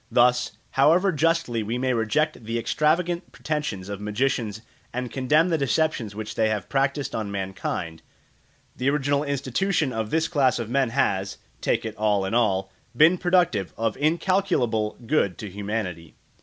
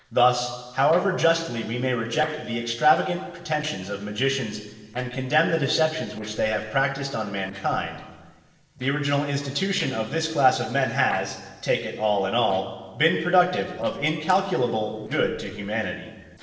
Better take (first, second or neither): first